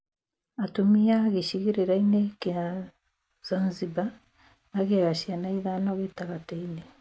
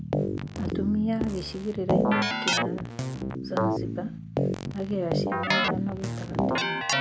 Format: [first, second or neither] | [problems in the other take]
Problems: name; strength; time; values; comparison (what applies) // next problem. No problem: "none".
first | background sound (Keyboard (musical)); 4 dB above the speech